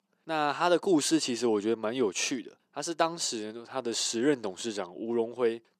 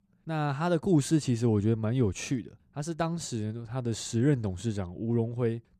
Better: second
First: thin; somewhat; fading below 350 Hz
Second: none

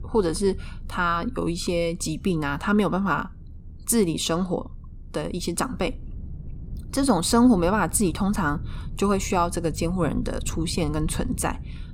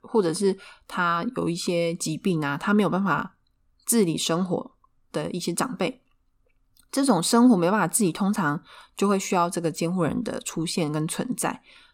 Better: second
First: low rumble; faint; throughout; 25 dB below the speech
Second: none

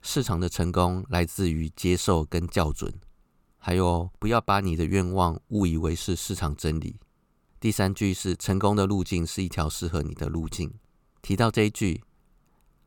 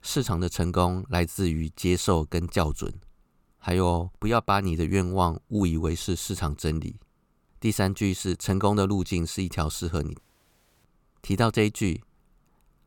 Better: first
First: none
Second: audio cutting out; at 10 s for 0.5 s

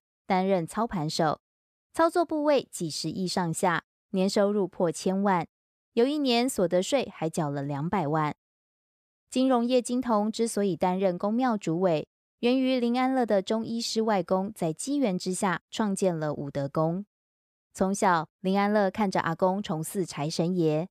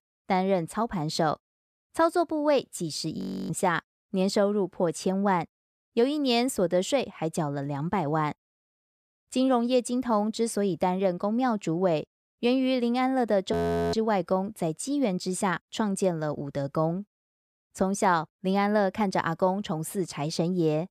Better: first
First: none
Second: audio freezing; at 3 s and at 14 s

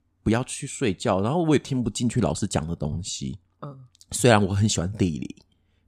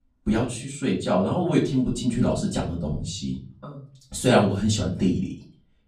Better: first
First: none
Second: room echo; slight; dies away in 0.4 s // off-mic speech; far

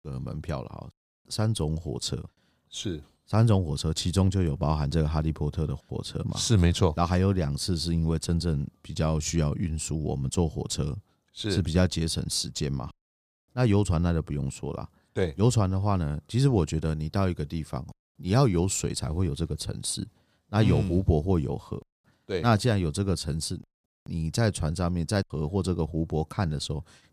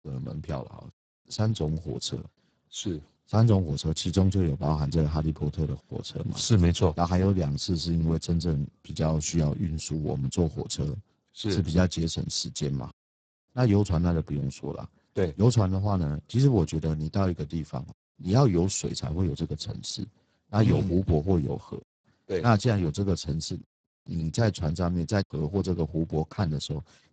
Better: first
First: none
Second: garbled, watery; badly; nothing above 7.5 kHz

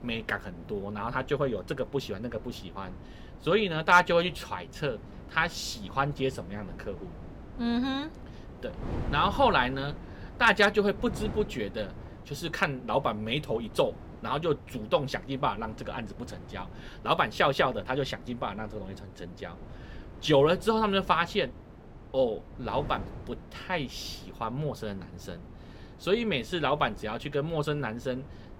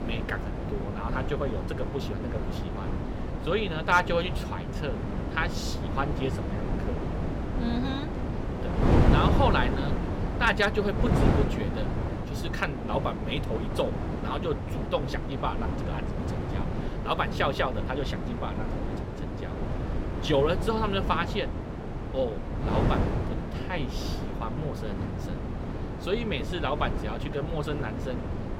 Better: first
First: wind noise on the microphone; occasional gusts; 20 dB below the speech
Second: wind noise on the microphone; heavy; 6 dB below the speech

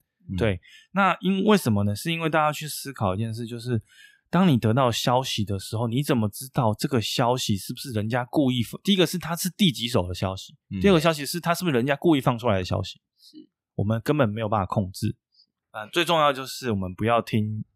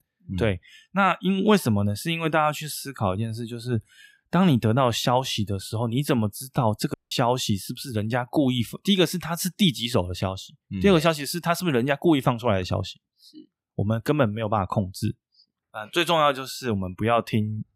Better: first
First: none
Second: audio cutting out; at 7 s

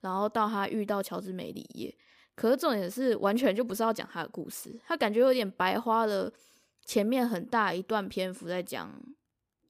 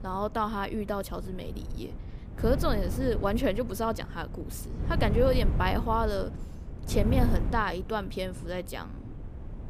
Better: first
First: none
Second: wind noise on the microphone; occasional gusts; 15 dB below the speech

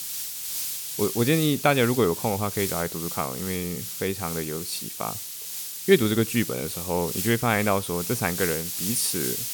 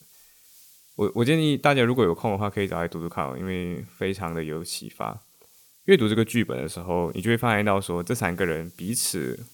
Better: second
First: hiss; loud; throughout; 4 dB below the speech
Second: hiss; faint; throughout; 25 dB below the speech

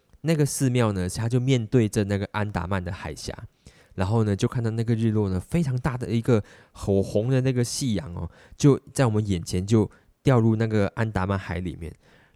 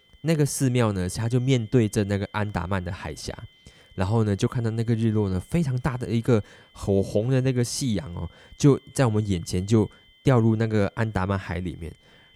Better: first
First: none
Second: high-pitched whine; faint; throughout; 3 kHz, 30 dB below the speech

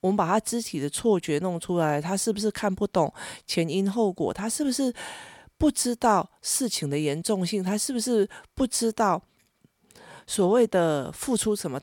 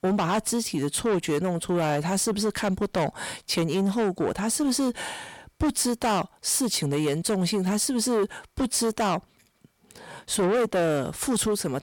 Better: first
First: none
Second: distortion; heavy; 8 dB below the speech

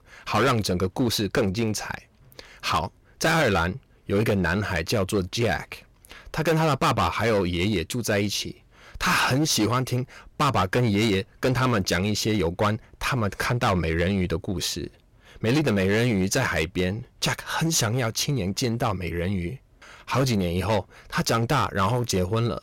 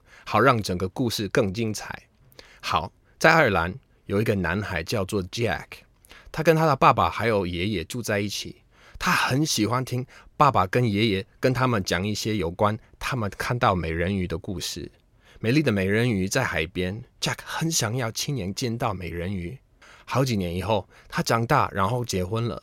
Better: second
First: distortion; heavy; 11% of the sound clipped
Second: none

